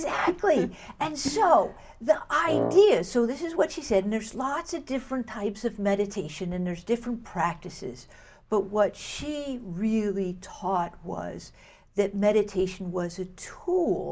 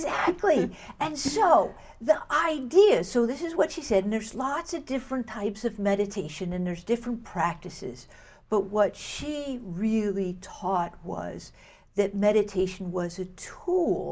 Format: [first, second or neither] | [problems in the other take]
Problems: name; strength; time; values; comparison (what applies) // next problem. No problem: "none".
second | background sound (Wind instrument, woodwind instrument); 3 dB below the speech